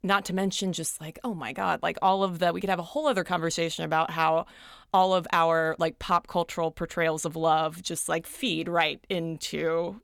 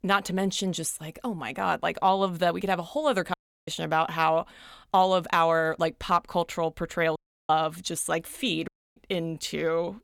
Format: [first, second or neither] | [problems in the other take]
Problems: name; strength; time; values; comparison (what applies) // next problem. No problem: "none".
first | audio cutting out; at 3.5 s, at 7 s and at 8.5 s